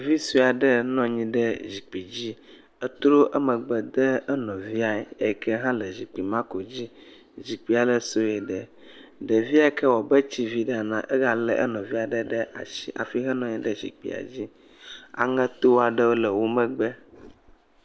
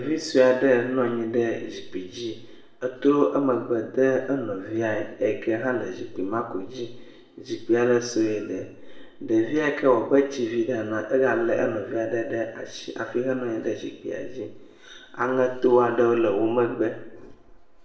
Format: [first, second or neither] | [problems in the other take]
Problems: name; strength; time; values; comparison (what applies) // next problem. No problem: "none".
first | room echo; dies away in 0.7 s